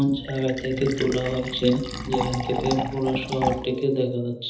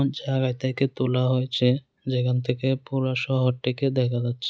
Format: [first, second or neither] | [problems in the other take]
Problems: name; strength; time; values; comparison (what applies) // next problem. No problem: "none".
second | background sound (Fill (with liquid)); 7 dB below the speech // room echo; dies away in 1.2 s